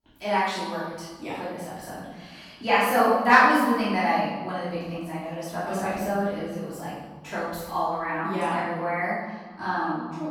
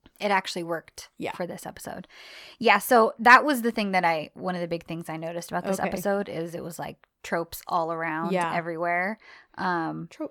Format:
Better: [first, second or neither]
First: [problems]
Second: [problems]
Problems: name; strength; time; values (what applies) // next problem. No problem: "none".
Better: second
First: off-mic speech; far // room echo; strong; dies away in 1.4 s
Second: none